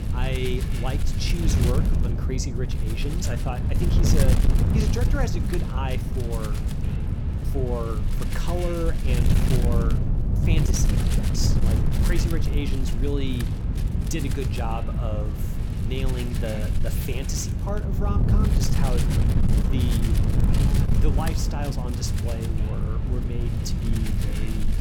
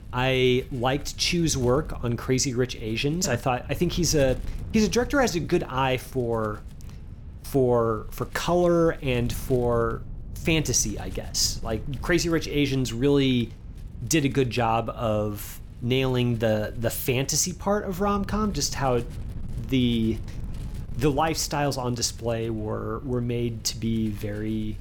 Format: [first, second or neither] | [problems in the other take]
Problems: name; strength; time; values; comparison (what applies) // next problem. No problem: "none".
second | wind noise on the microphone; heavy; 1 dB below the speech; occasional gusts in the second